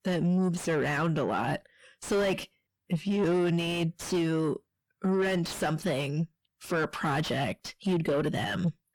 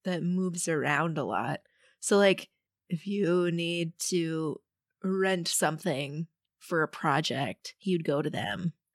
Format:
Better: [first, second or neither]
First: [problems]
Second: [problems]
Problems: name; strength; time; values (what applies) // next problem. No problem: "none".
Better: second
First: distortion; heavy; 6 dB below the speech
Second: none